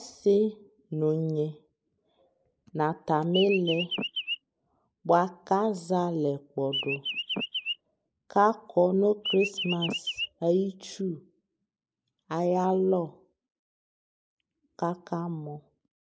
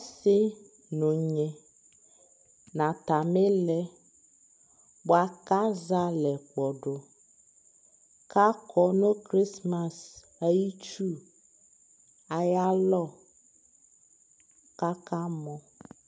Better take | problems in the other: second | noise reduction (neural mask model Resemble Enhance denoiser)

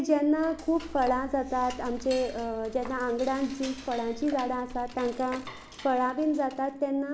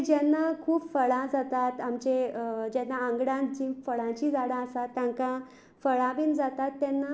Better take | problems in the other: second | background sound (Cutlery, silverware / Dishes, pots, and pans); 15 dB below the speech

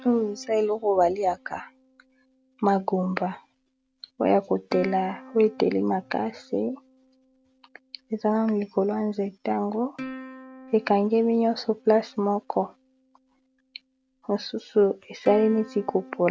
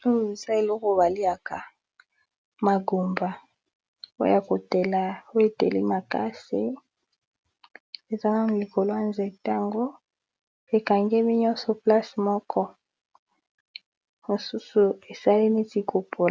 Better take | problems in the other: second | background sound (Plucked string instrument); 20 dB below the speech

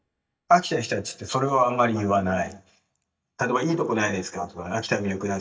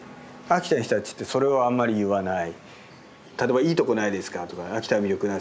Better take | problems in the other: second | noise reduction (neural mask model DeepFilterNet 3)

